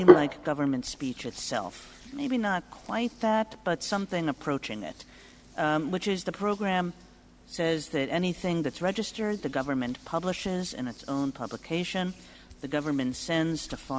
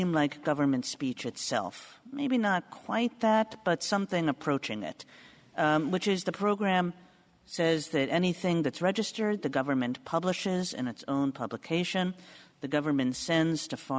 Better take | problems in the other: second | background sound (Hands); 3 dB below the speech

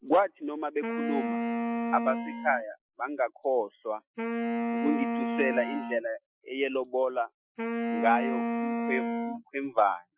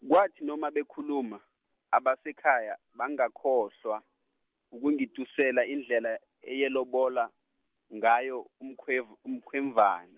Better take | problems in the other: second | noise reduction (classical method Wiener filter)

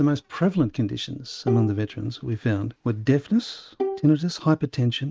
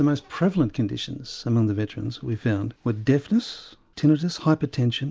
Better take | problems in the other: second | noise reduction (neural mask model RNNoise)

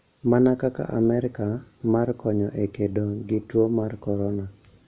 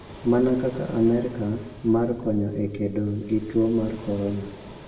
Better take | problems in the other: first | background sound (Waves, surf); 19 dB below the speech // room echo; dies away in 0.8 s

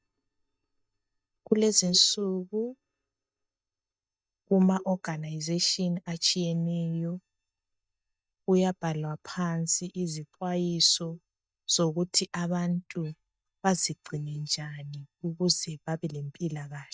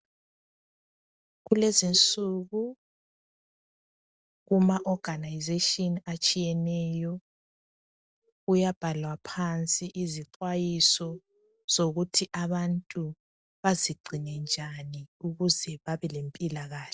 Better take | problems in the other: second | noise reduction (neural mask model DeepFilterNet 3)

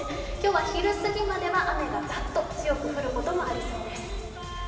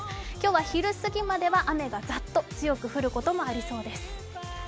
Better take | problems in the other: second | background sound (Wind); 17 dB below the speech // room echo; dies away in 2.5 s

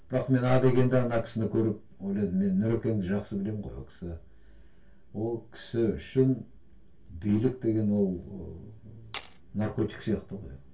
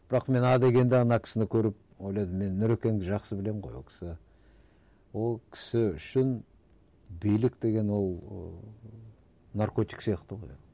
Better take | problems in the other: second | background sound (Tools); 15 dB below the speech // room echo; dies away in 0.2 s

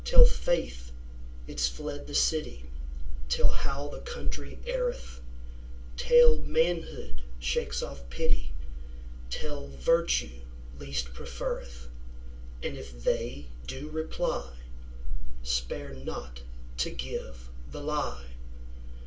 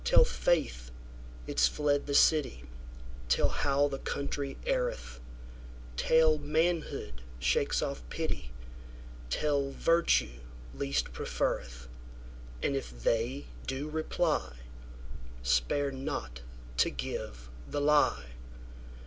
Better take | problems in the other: second | room echo; dies away in 0.2 s

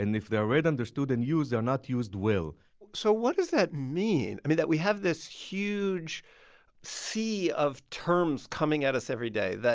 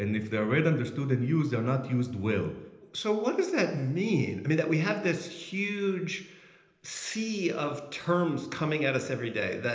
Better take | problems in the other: first | room echo; dies away in 1 s

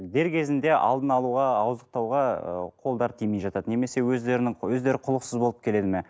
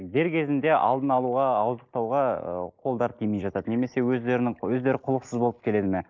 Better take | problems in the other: first | noise reduction (neural mask model Resemble Enhance denoiser)

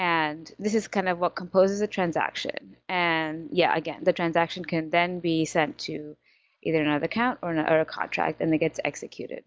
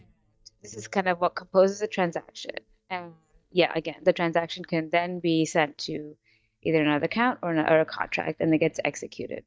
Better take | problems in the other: first | noise reduction (neural mask model DeepFilterNet 3)

